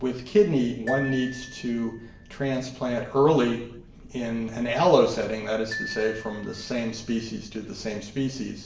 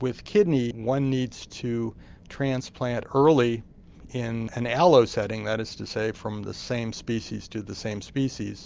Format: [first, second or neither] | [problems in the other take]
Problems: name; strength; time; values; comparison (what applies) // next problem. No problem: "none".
second | background sound (Glockenspiel); 13 dB below the speech // room echo; dies away in 0.7 s